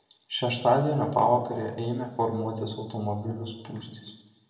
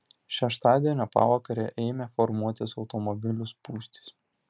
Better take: second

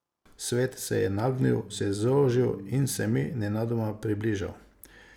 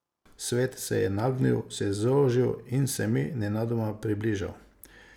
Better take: second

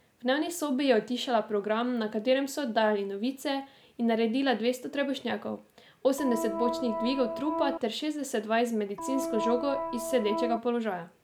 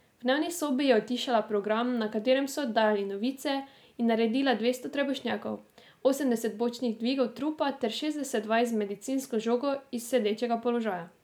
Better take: second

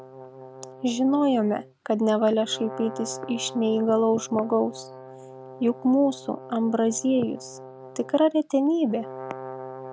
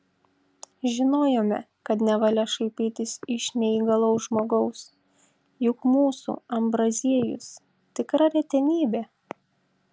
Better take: second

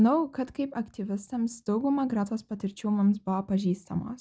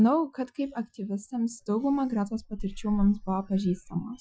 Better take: first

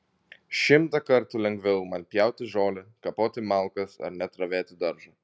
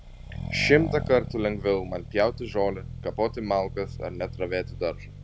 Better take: first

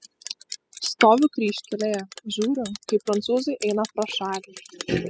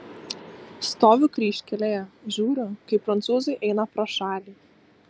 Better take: second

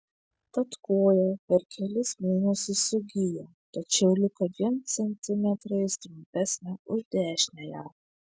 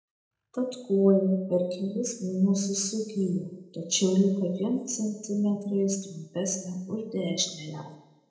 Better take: first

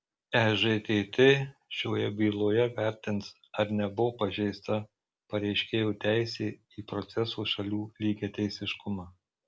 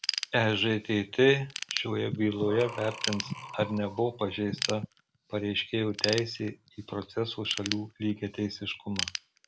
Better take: first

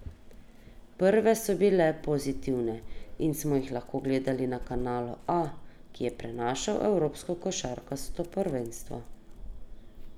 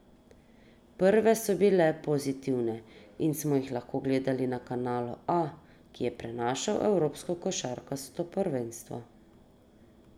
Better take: second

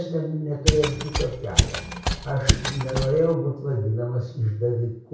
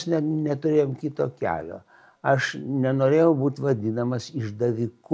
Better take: second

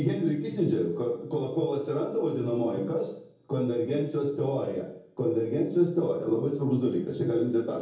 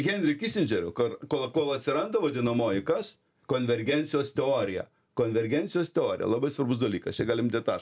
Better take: second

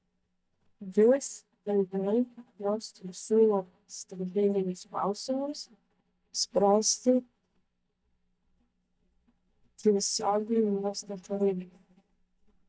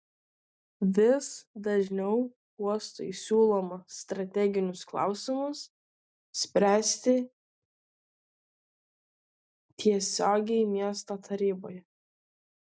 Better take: second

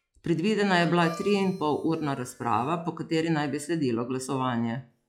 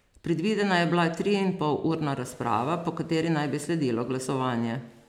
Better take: second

